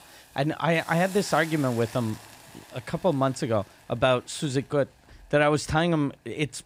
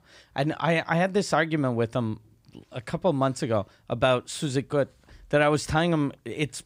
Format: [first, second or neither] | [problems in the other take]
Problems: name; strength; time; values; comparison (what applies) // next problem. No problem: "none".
second | hiss; noticeable; throughout; 20 dB below the speech